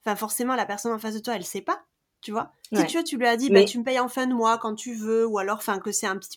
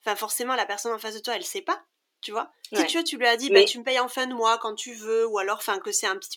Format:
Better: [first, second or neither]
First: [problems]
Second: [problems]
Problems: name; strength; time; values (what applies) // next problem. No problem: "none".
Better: first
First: none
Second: thin; somewhat; fading below 350 Hz